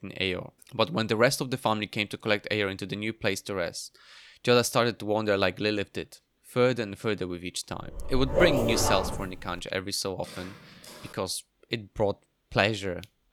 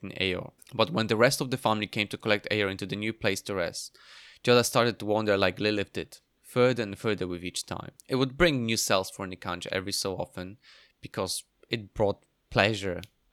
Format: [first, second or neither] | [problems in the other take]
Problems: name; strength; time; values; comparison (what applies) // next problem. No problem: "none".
second | dog barking; loud; from 8 to 9.5 s; peak 3 dB above the speech // footsteps; faint; at 10 s; peak 15 dB below the speech